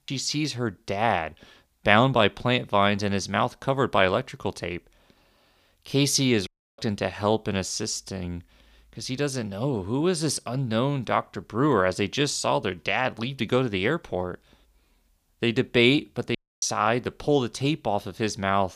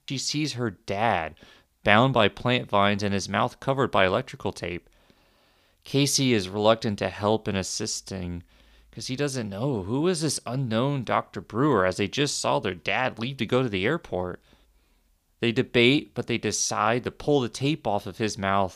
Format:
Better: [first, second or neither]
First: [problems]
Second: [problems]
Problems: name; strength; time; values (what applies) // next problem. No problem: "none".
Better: second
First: audio cutting out; at 6.5 s and at 16 s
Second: none